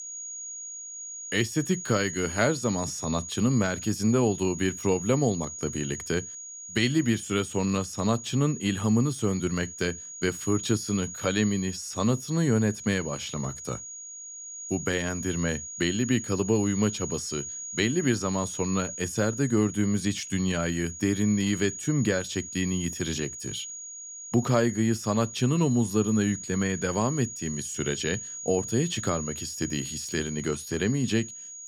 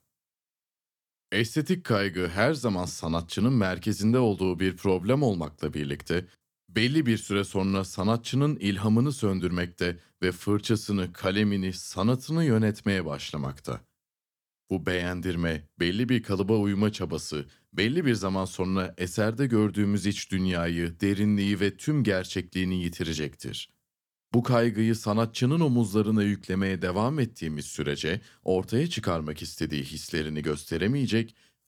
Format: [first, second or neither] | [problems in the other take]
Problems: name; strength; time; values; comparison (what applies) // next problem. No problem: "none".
second | high-pitched whine; loud; throughout; 6.5 kHz, 9 dB below the speech